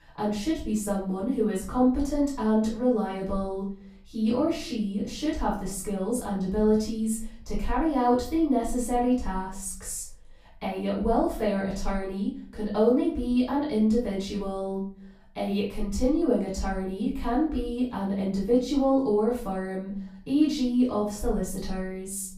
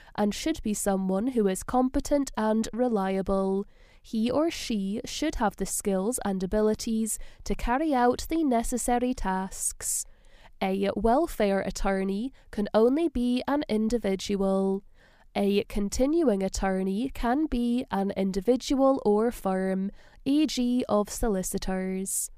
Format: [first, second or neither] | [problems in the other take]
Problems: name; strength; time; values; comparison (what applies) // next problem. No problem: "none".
second | room echo; noticeable; dies away in 0.5 s // off-mic speech; far